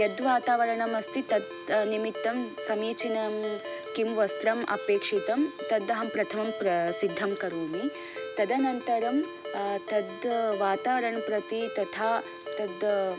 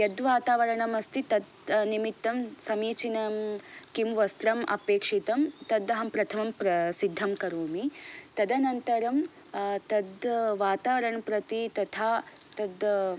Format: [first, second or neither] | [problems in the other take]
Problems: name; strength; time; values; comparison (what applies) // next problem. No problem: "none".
second | background sound (Ringtone); 10 dB below the speech